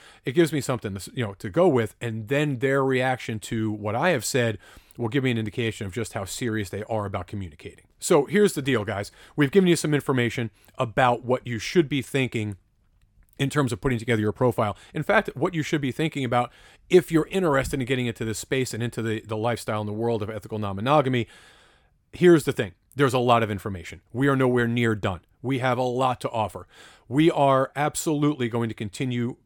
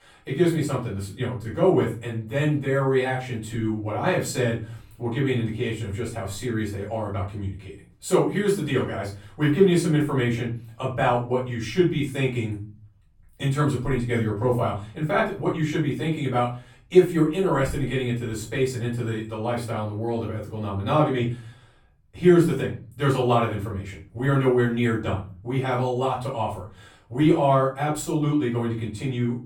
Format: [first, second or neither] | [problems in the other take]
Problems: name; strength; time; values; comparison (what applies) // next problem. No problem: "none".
first | off-mic speech; far // room echo; slight; dies away in 0.4 s